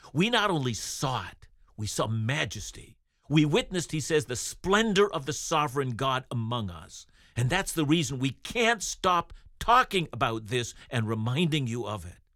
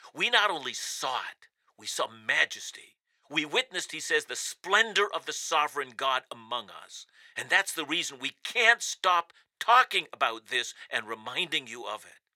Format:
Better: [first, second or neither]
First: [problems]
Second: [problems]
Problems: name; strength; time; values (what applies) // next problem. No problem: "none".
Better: first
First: none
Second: thin; very; fading below 650 Hz